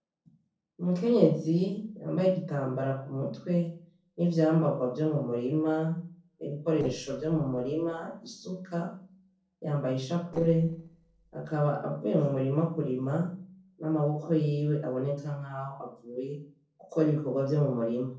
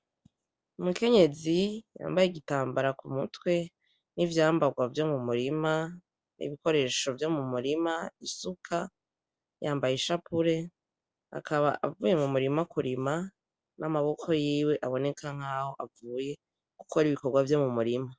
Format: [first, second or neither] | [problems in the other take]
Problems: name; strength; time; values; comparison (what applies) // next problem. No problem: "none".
second | noise reduction (neural separator model SepFormer DNS4)